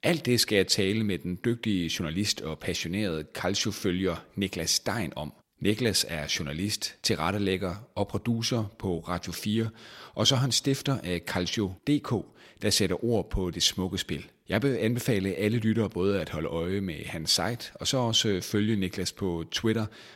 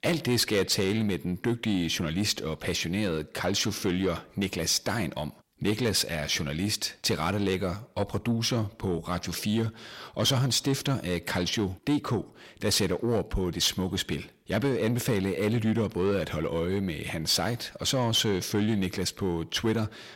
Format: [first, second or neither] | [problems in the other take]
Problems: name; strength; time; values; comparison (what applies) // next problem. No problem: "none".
first | distortion; slight; 10 dB below the speech